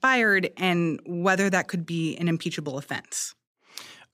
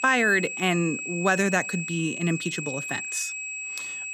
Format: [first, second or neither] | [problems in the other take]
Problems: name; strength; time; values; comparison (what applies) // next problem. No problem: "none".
first | high-pitched whine; loud; throughout; 2.5 kHz, 5 dB below the speech